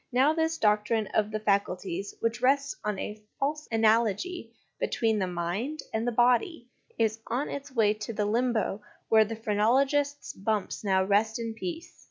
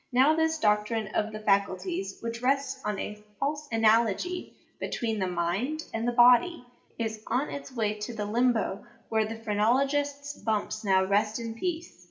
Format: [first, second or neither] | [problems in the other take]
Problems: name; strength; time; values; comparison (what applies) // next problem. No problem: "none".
first | room echo; dies away in 0.5 s